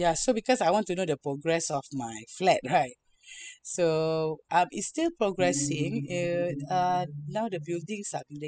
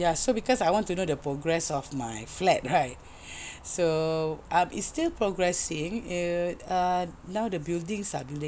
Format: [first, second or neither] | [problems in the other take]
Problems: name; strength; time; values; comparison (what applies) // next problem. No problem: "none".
second | noise reduction (classical method spectral subtraction)